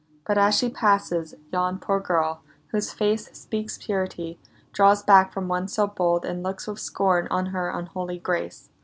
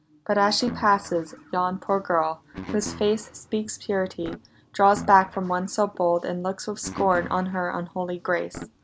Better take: first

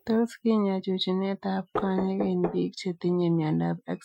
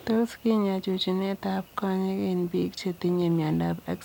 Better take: second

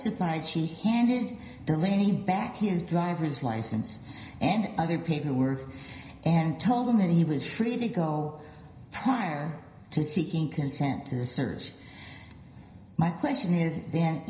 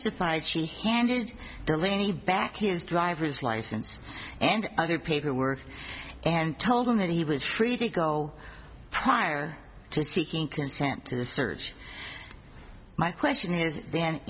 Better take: second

